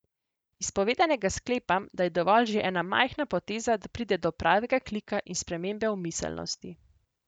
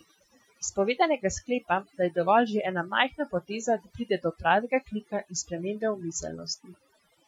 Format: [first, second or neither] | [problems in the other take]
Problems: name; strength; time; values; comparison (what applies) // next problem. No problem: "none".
first | noise reduction (classical method Wiener filter)